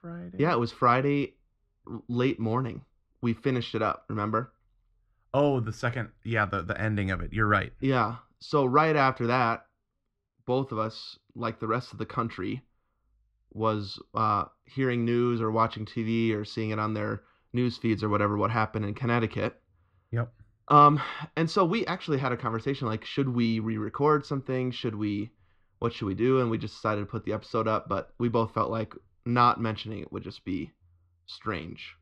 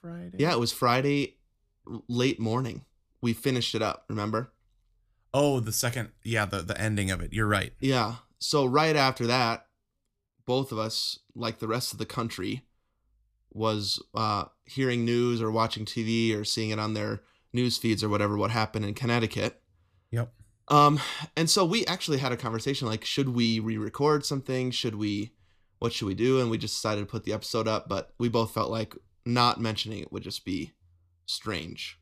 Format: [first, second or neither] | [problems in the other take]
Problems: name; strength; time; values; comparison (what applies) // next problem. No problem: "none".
second | muffled; very; fading above 2.5 kHz